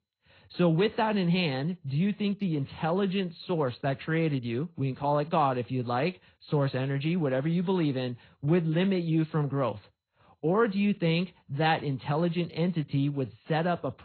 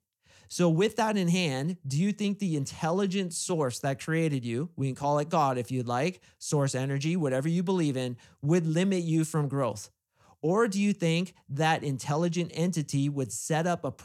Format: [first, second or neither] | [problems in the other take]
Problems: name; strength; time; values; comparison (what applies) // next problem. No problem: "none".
second | garbled, watery; badly; nothing above 4 kHz